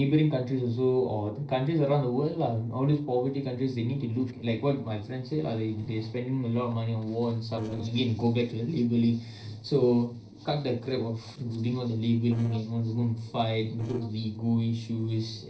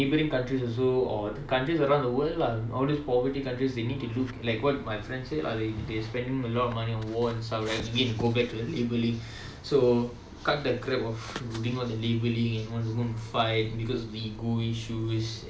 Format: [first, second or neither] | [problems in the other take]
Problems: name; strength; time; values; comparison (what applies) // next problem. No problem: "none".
second | noise reduction (neural separator model SepFormer DNS4)